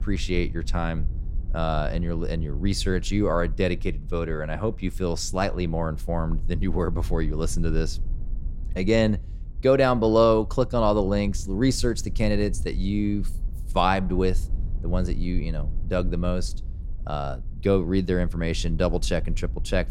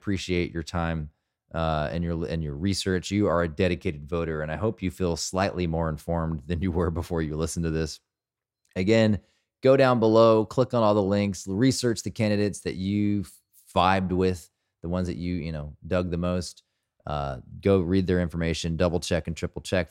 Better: second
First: low rumble; faint; throughout; 25 dB below the speech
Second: none

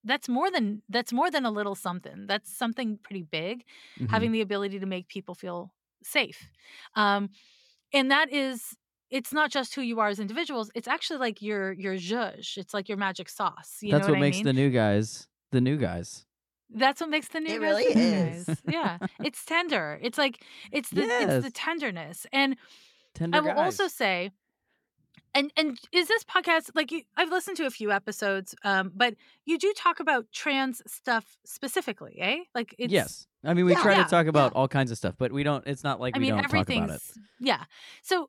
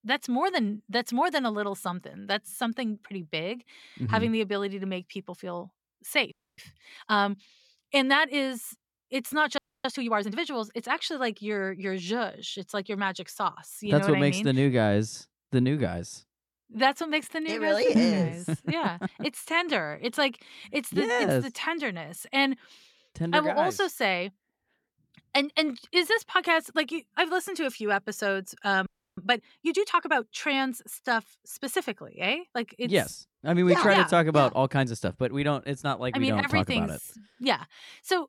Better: first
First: none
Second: audio freezing; at 6.5 s, at 9.5 s and at 29 s

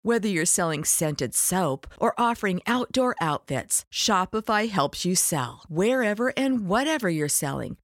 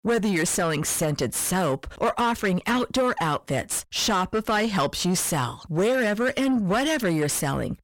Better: first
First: none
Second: distortion; heavy; 6 dB below the speech

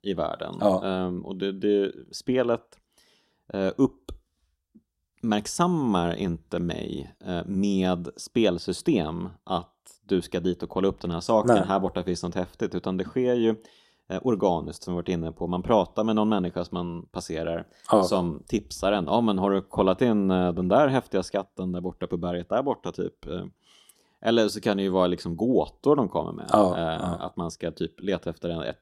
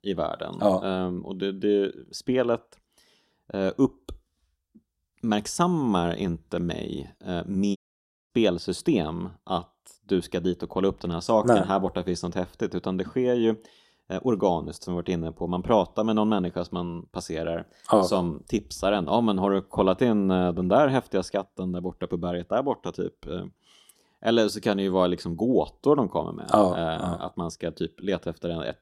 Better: first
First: none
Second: audio cutting out; at 8 s for 0.5 s

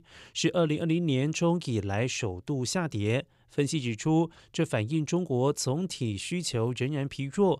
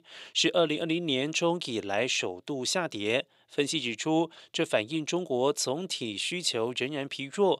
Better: first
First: none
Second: thin; somewhat; fading below 300 Hz

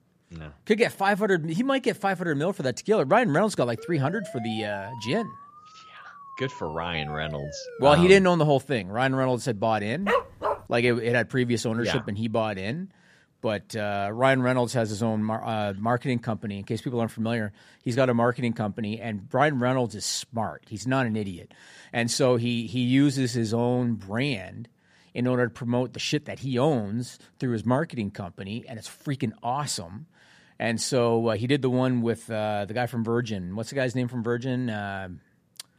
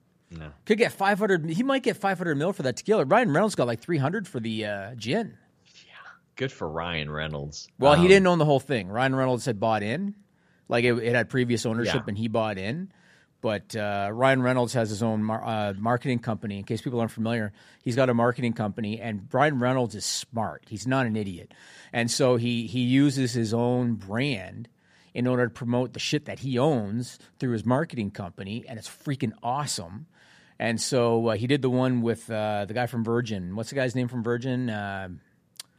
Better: second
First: siren; faint; from 4 to 8 s; peak 15 dB below the speech // dog barking; loud; at 10 s; peak level with the speech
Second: none

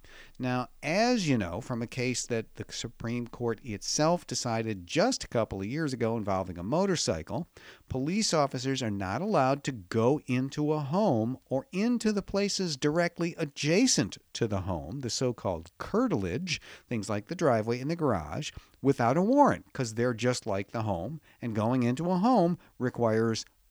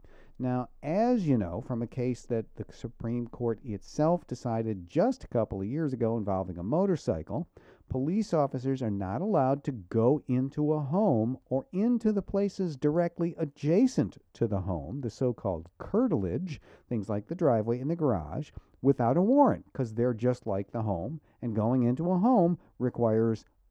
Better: first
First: none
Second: muffled; very; fading above 1.5 kHz

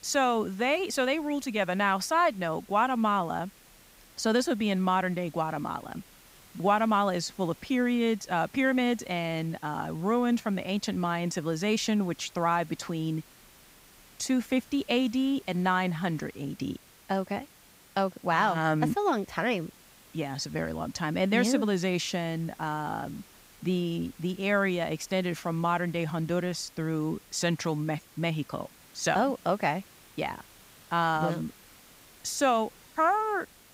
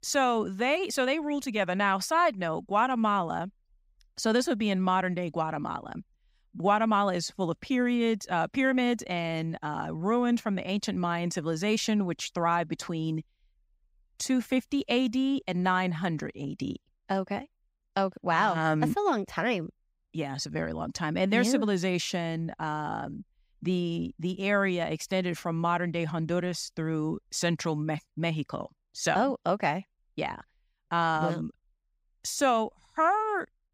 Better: second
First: hiss; faint; throughout; 25 dB below the speech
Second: none

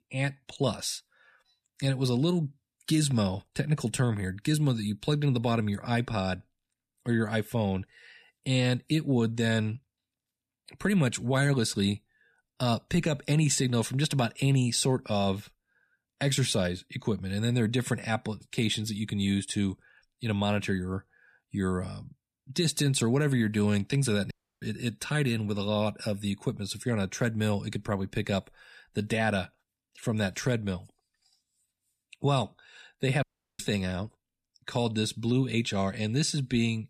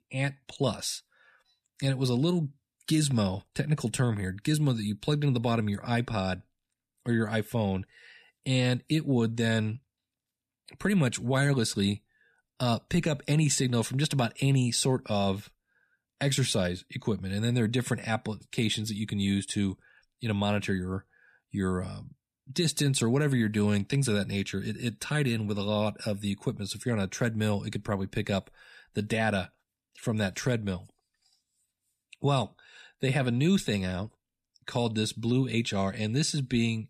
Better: second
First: audio cutting out; at 24 s and at 33 s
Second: none

